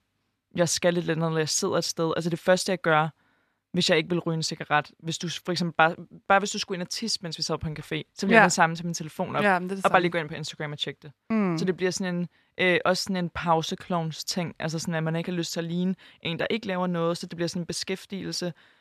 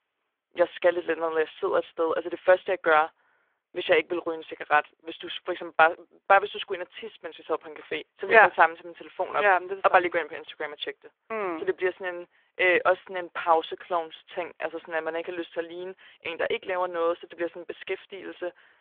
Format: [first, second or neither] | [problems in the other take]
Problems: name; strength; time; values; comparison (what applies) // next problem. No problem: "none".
first | phone-call audio; nothing above 3.5 kHz